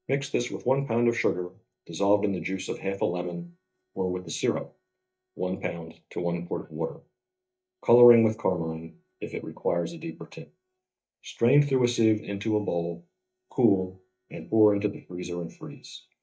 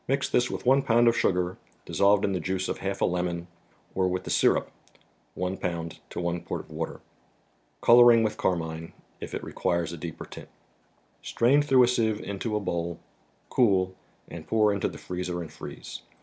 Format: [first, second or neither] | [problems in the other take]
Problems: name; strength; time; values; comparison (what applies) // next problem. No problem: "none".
second | noise reduction (neural mask model DeepFilterNet 3)